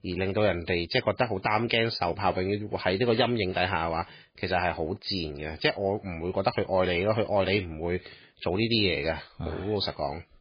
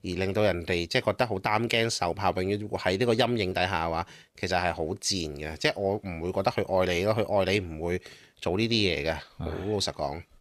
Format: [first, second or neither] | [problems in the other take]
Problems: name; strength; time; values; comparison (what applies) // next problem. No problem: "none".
second | garbled, watery; badly; nothing above 4 kHz